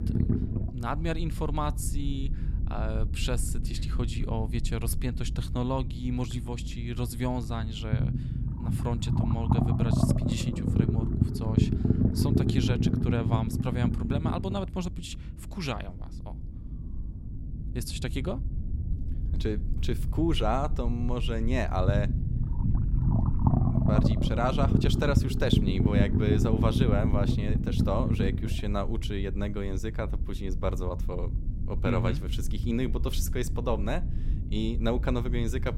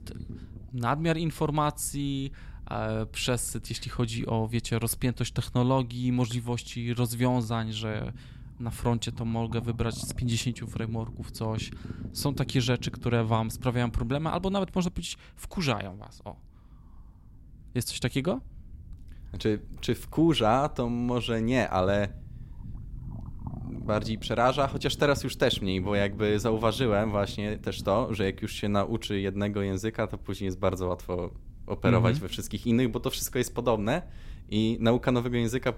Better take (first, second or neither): second